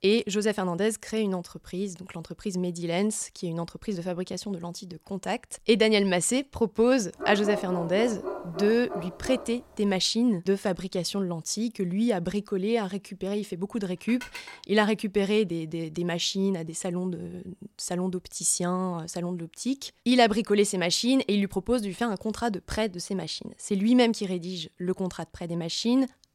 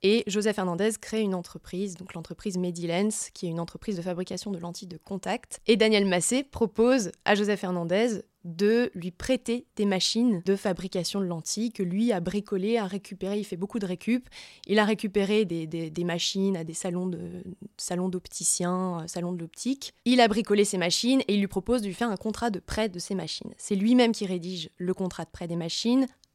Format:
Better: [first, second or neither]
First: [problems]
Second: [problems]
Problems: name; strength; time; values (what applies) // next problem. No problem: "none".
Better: second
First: dog barking; noticeable; from 7 to 9.5 s; peak 4 dB below the speech // clattering dishes; faint; at 14 s; peak 15 dB below the speech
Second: none